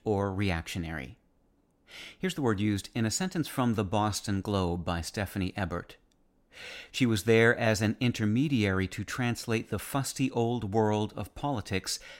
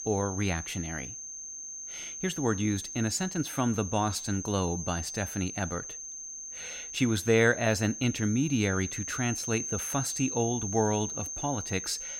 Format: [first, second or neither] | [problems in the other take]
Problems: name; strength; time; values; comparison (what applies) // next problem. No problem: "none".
first | high-pitched whine; loud; throughout; 6.5 kHz, 6 dB below the speech